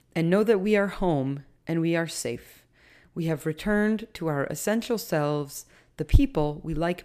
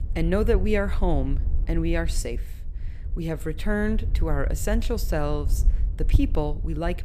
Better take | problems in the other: first | wind noise on the microphone; occasional gusts; 20 dB below the speech

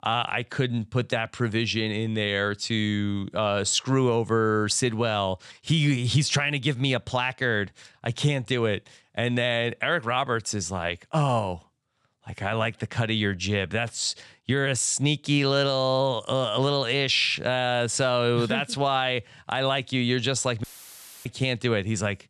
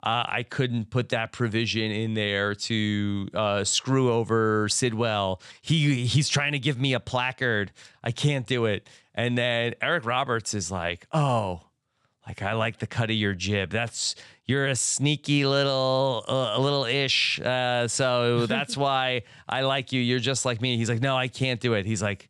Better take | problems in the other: second | audio cutting out; filled with static; at 21 s for 0.5 s

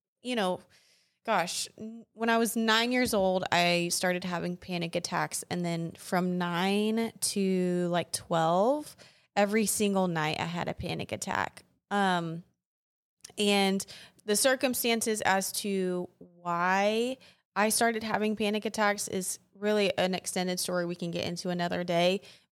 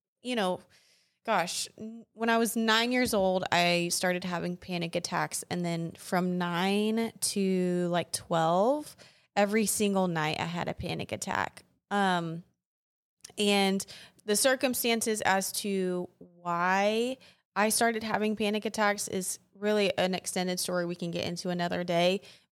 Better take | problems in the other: neither | none

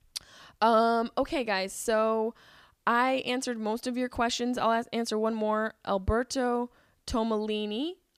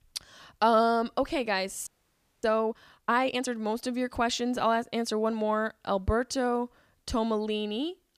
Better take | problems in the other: first | audio freezing; at 2 s for 0.5 s

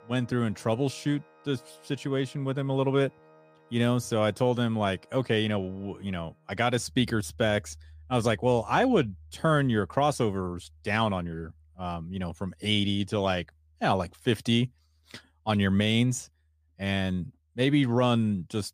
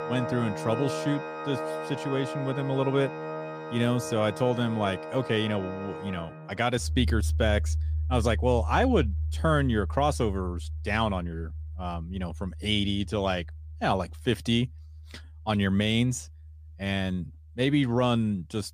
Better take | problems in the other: first | background music; loud; throughout; 6 dB below the speech; faint in the first

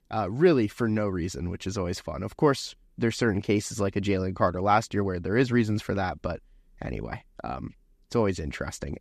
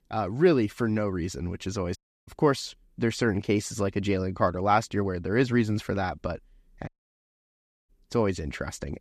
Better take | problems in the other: first | audio cutting out; at 2 s and at 7 s for 1 s

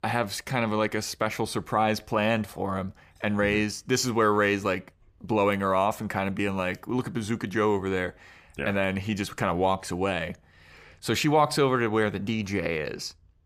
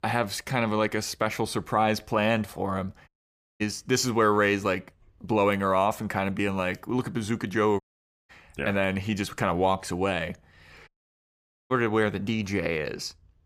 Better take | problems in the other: first | audio cutting out; at 3 s for 0.5 s, at 8 s and at 11 s for 1 s

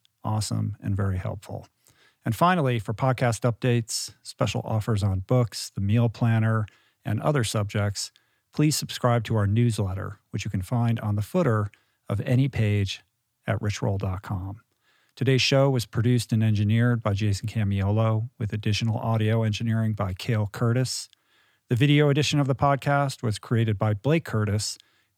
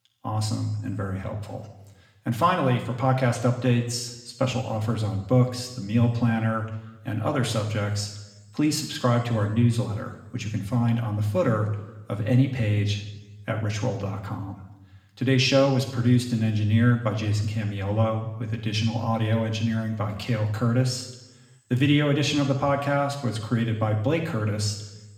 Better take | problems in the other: first | room echo; slight; dies away in 1 s // off-mic speech; somewhat distant

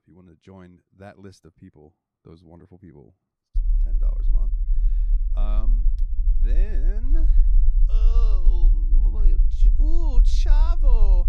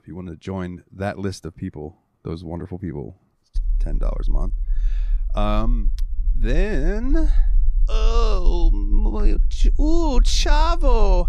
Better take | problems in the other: second | low rumble; loud; from 3.5 s on; 5 dB below the speech; faint in the second

